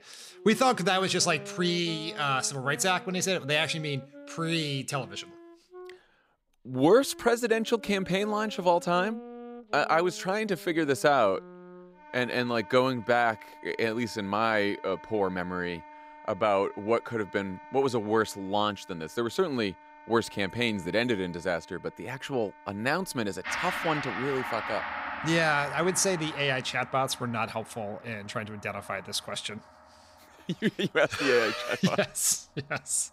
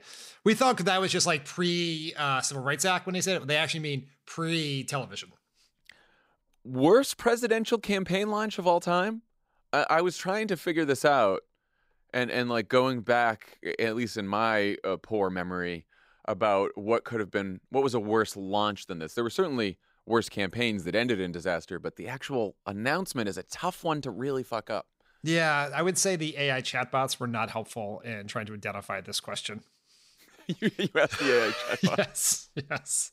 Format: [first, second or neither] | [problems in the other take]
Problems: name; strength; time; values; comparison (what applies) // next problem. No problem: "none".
second | background music; noticeable; throughout; 15 dB below the speech